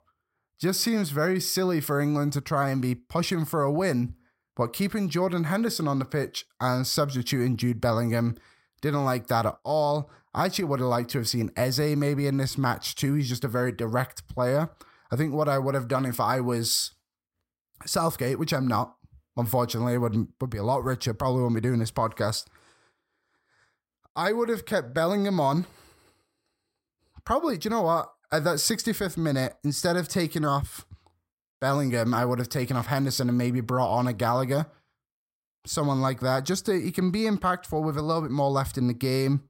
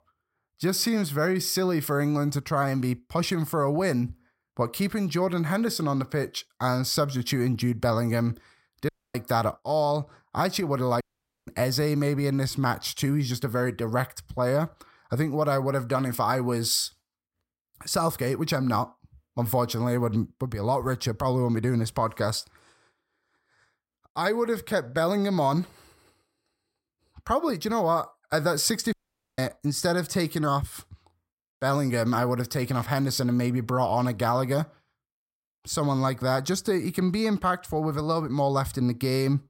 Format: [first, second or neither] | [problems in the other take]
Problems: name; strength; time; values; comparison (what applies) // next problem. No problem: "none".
first | audio cutting out; at 9 s, at 11 s and at 29 s